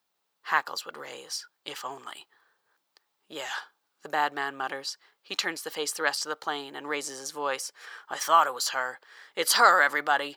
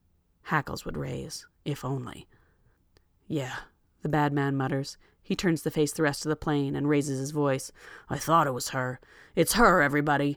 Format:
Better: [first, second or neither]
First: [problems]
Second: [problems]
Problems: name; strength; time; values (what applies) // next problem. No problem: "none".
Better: second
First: thin; very; fading below 850 Hz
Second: none